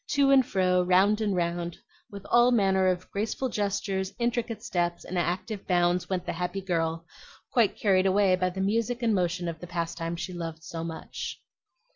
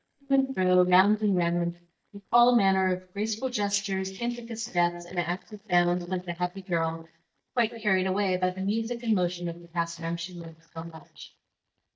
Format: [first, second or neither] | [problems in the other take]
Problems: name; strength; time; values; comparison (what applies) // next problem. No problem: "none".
first | noise reduction (neural mask model DeepFilterNet 3)